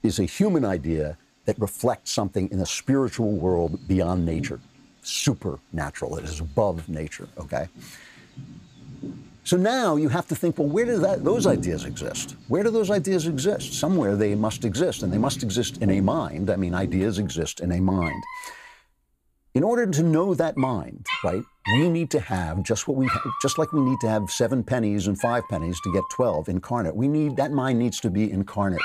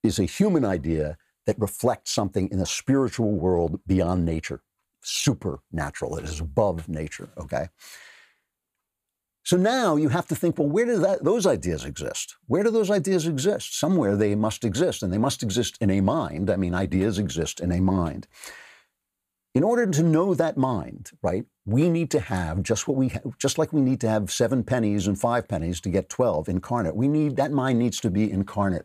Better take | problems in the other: second | animal sounds; loud; throughout; 10 dB below the speech

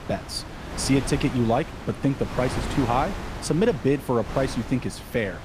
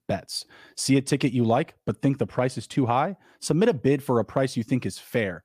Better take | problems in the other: second | wind noise on the microphone; heavy; 9 dB below the speech

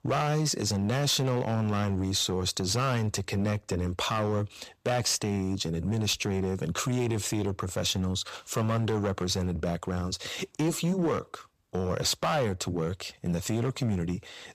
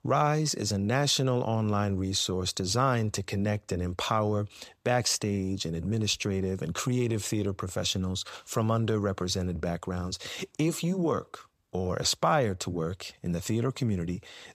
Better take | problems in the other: second | distortion; slight; 9% of the sound clipped

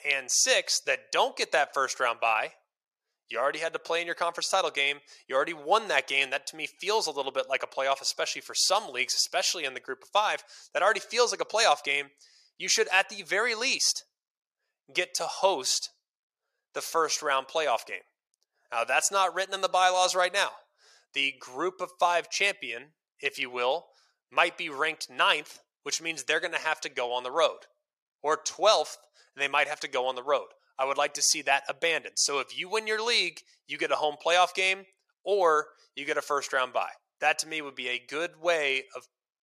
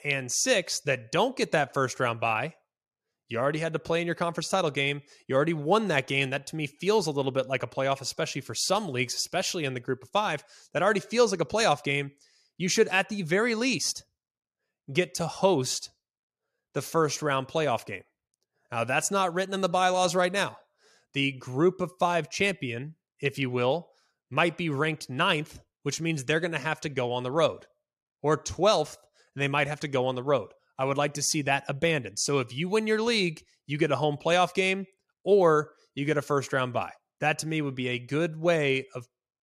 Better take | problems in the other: second | thin; very; fading below 700 Hz

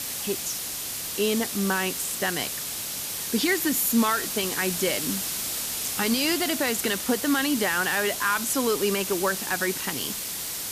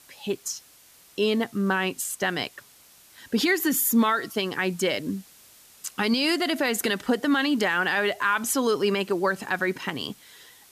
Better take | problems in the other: second | hiss; loud; throughout; 3 dB below the speech; faint in the second

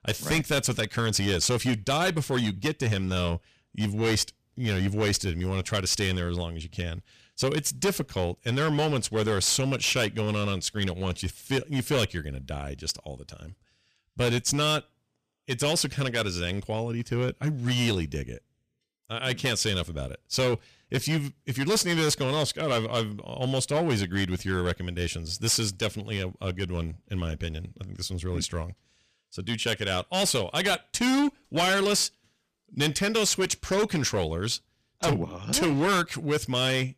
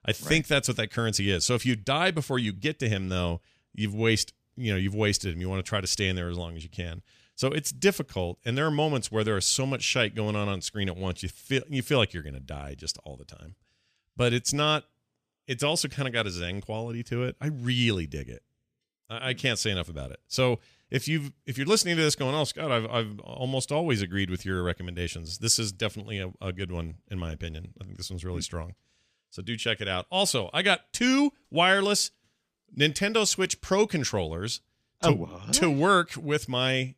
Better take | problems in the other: second | distortion; heavy; 9% of the sound clipped

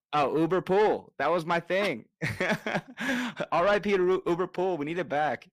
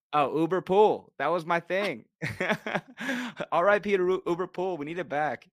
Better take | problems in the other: second | distortion; slight; 10 dB below the speech

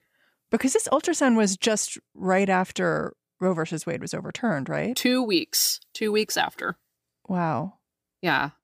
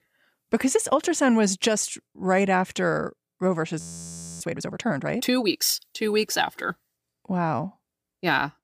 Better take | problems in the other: first | audio freezing; at 4 s for 0.5 s

